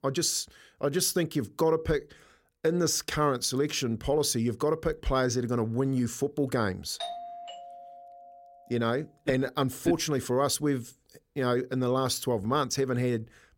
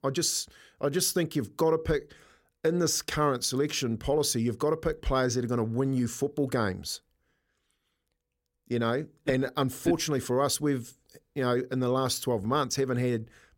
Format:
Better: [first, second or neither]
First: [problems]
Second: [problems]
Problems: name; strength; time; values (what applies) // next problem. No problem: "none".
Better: second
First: doorbell; noticeable; from 7 to 8.5 s; peak 9 dB below the speech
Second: none